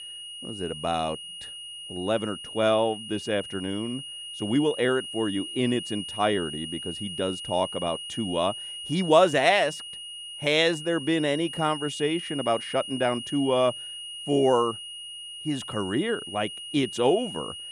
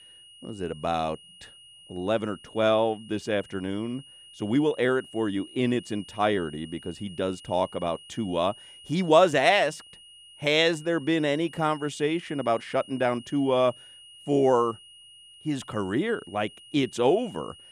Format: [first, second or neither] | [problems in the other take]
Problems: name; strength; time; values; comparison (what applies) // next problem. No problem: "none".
second | high-pitched whine; loud; throughout; 3 kHz, 9 dB below the speech; faint in the second